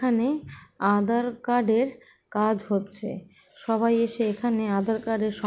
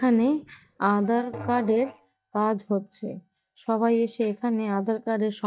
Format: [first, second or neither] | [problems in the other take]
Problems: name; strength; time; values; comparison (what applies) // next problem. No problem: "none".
first | noise reduction (neural mask model DeepFilterNet 3)